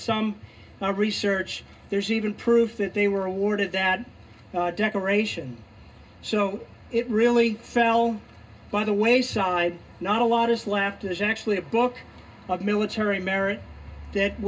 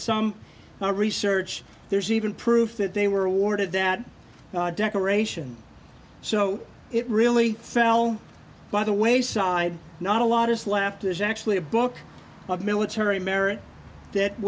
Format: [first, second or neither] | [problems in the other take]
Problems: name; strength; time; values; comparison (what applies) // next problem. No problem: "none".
second | room echo; dies away in 0.2 s